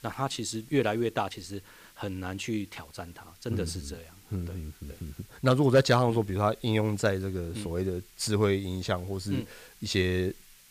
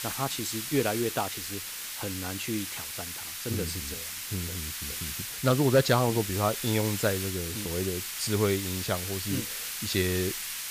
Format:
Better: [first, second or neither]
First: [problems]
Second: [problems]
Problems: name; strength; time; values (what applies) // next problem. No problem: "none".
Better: first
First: hiss; faint; throughout; 25 dB below the speech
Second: hiss; loud; throughout; 4 dB below the speech